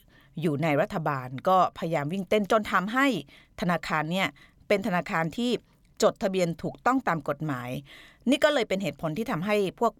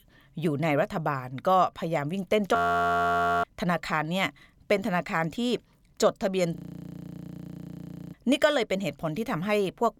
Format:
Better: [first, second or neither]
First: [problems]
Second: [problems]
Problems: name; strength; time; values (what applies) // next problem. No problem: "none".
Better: first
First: none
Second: audio freezing; at 2.5 s for 1 s and at 6.5 s for 1.5 s